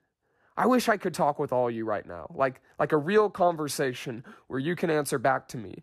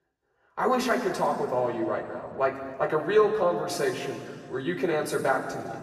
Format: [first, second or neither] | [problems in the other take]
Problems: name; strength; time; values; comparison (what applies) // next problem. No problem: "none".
first | room echo; noticeable; dies away in 2 s // off-mic speech; far